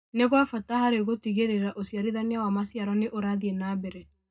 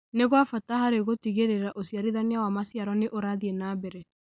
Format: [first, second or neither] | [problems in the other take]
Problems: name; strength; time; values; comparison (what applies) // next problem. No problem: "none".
second | room echo; dies away in 0.2 s